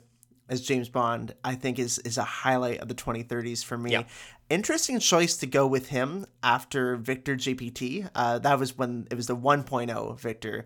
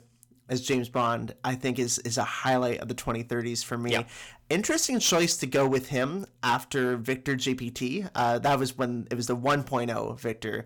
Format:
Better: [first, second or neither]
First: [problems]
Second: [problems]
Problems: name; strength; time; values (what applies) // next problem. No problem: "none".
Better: first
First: none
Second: distortion; slight; 4% of the sound clipped